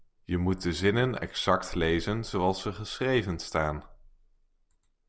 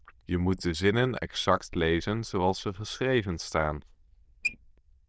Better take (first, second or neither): first